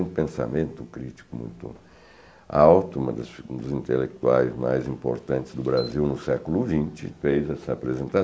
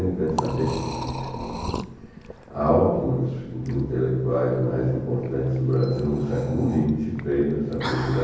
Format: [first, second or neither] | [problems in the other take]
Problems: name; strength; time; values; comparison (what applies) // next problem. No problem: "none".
first | background sound (Liquid); 13 dB below the speech // room echo; dies away in 1.3 s